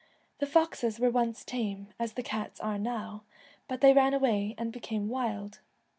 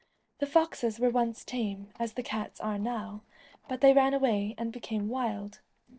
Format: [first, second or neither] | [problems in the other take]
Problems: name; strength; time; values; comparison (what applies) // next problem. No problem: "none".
first | noise reduction (neural separator model SepFormer DNS4)